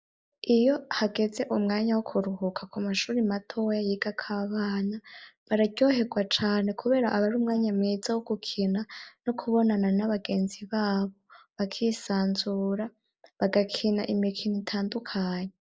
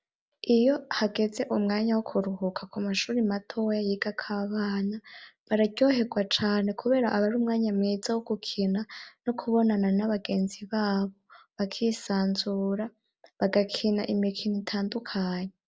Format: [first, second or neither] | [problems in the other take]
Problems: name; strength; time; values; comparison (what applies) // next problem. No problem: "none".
second | noise reduction (neural mask model Resemble Enhance denoiser)